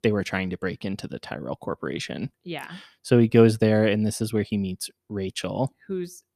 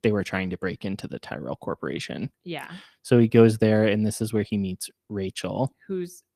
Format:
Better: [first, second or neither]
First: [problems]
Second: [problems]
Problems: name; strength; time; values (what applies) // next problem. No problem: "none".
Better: first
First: none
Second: garbled, watery; slightly; nothing above 14.5 kHz